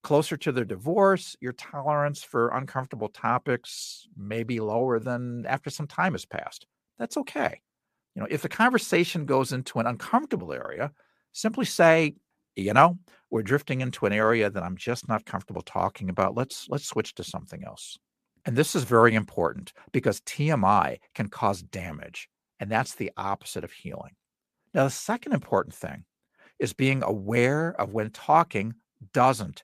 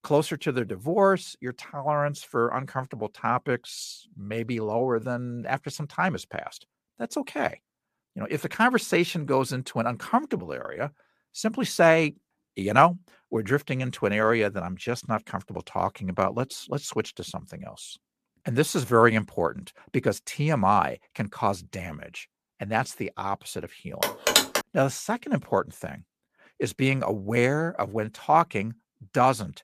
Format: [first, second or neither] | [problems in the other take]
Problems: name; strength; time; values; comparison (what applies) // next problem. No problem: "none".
first | phone ringing; loud; at 24 s; peak 6 dB above the speech